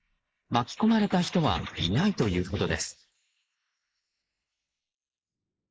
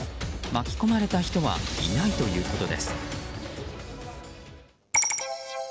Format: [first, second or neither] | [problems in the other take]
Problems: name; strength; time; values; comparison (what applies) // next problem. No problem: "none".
second | noise reduction (neural mask model Resemble Enhance denoiser)